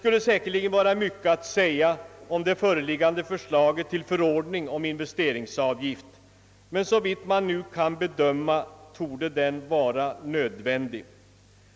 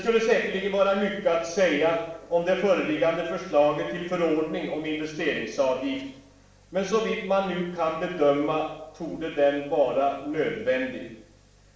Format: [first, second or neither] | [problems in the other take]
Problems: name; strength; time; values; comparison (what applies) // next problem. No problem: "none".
first | room echo; dies away in 0.6 s